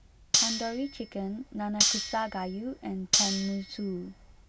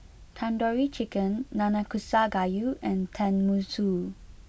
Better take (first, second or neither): second